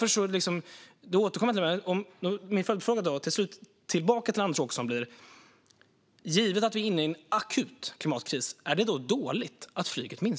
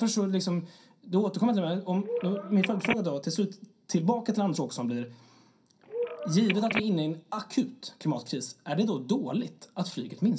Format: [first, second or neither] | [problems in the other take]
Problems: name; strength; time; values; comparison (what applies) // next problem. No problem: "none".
first | background sound (Telephone); 4 dB below the speech // room echo; dies away in 0.3 s